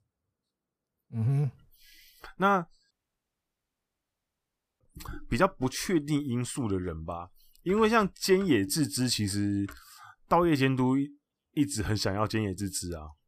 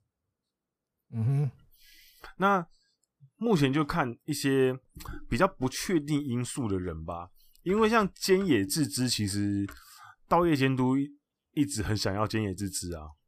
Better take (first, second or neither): second